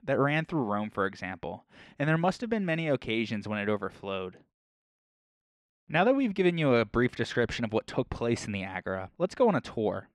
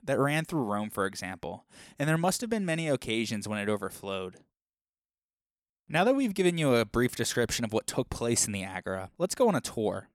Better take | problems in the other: second | muffled; slightly; fading above 2.5 kHz

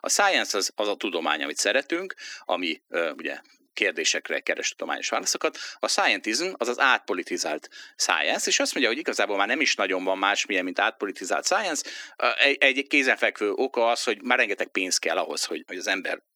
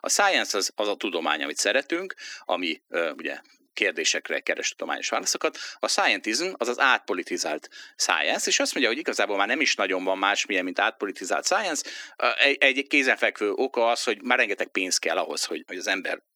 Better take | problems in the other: neither | thin; somewhat; fading below 250 Hz; the same in both

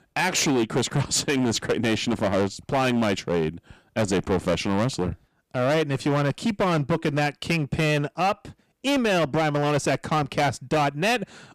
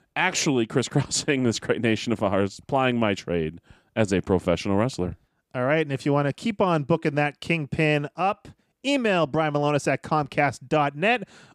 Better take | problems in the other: second | distortion; heavy; 15% of the sound clipped

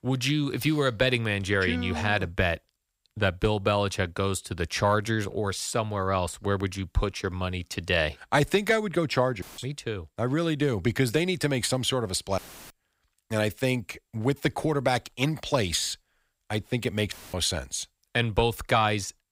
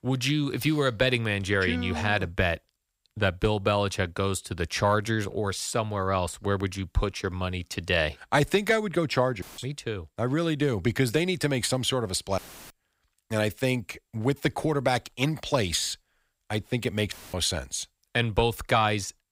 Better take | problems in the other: neither | audio cutting out; filled with static; at 9.5 s, at 12 s and at 17 s; the same in both

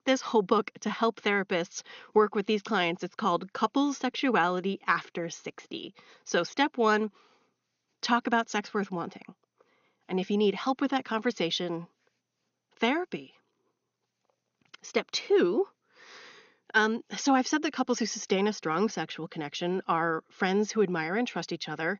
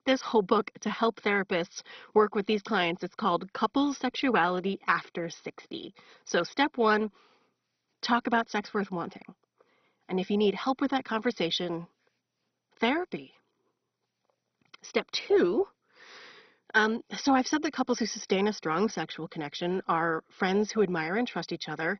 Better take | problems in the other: first | garbled, watery; badly; nothing above 6 kHz; slightly in the first

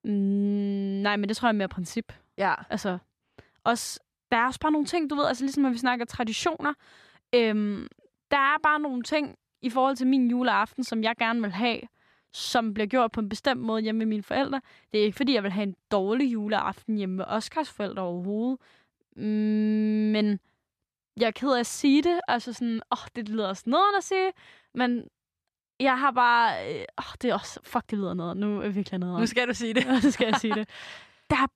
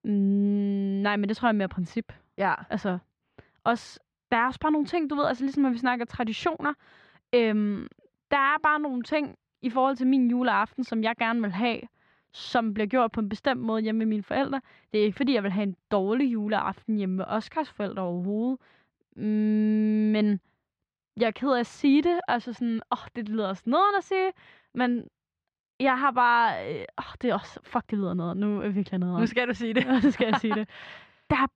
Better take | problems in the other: first | muffled; slightly; fading above 3 kHz

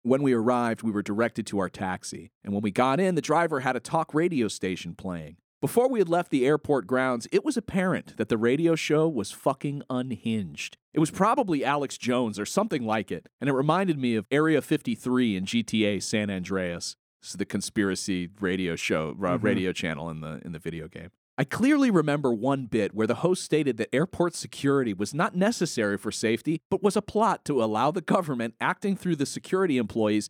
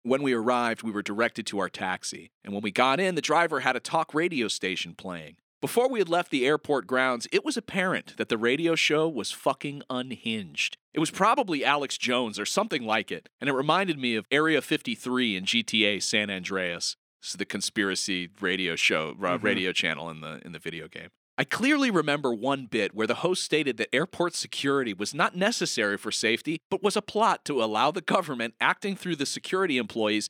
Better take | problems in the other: first | thin; very slightly; fading below 550 Hz

